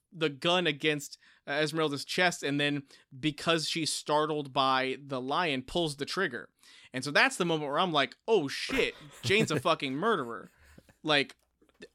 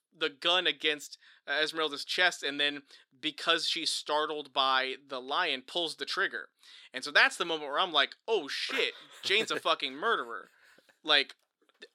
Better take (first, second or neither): first